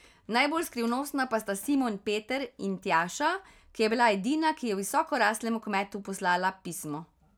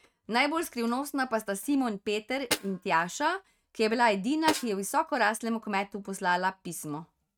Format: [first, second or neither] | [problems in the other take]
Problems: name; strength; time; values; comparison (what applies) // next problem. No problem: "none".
first | noise reduction (neural mask model RNNoise)